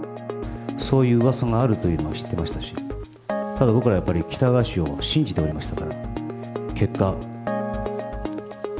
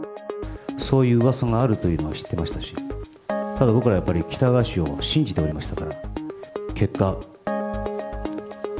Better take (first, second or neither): second